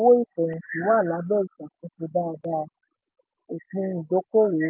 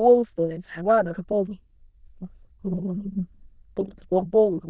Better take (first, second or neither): first